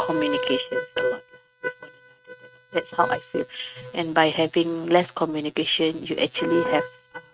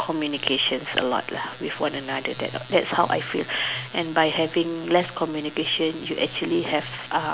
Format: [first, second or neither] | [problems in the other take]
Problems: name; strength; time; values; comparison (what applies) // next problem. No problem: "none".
second | noise reduction (neural mask model RNNoise)